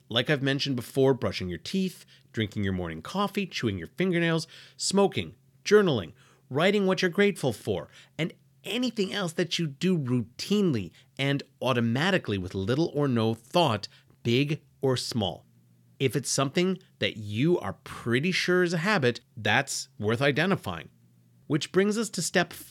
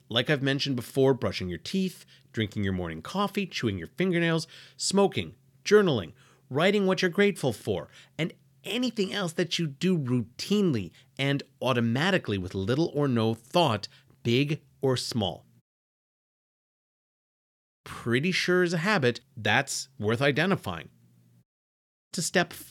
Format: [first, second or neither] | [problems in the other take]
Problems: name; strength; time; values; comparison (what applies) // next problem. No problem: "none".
first | audio cutting out; at 16 s for 2 s and at 21 s for 0.5 s